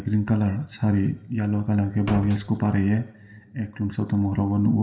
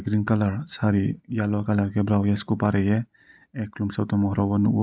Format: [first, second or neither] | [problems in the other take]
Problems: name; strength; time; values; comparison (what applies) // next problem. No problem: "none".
second | background sound (Slam); 9 dB below the speech // room echo; dies away in 1.4 s